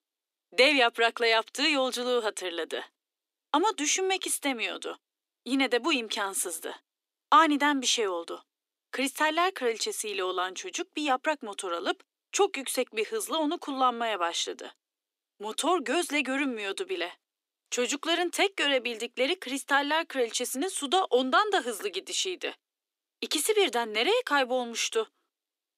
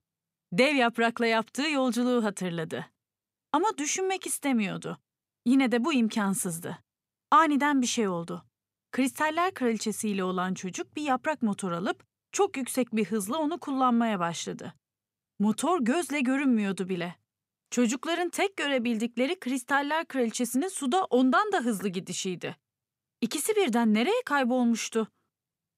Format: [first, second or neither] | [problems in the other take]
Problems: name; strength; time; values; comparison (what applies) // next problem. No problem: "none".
second | thin; somewhat; fading below 300 Hz